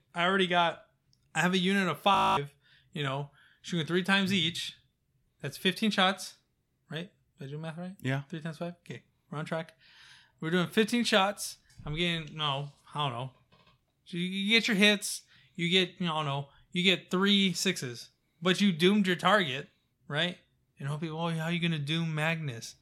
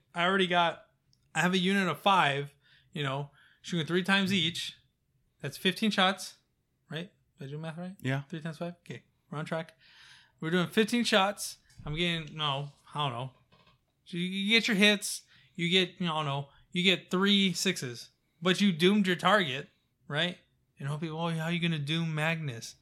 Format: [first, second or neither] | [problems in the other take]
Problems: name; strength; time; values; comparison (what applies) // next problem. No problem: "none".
second | audio freezing; at 2 s